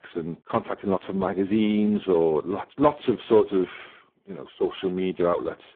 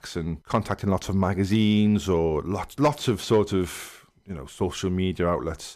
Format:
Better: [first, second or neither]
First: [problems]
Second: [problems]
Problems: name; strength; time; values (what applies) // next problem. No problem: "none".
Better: second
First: phone-call audio; poor line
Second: none